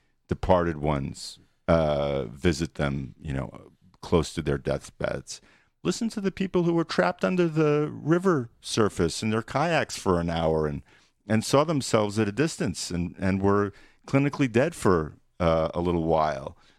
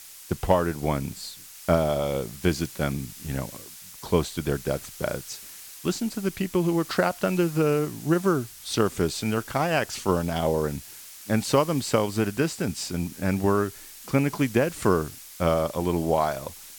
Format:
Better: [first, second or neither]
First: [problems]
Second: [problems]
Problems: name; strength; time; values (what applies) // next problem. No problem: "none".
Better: first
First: none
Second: hiss; noticeable; throughout; 15 dB below the speech